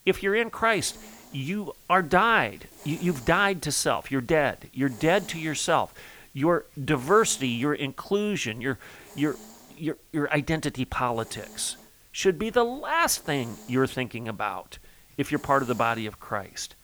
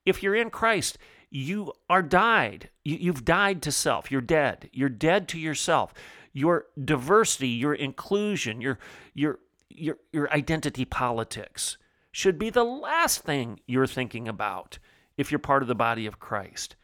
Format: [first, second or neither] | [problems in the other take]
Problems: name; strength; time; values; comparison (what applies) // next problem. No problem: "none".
second | hiss; faint; throughout; 25 dB below the speech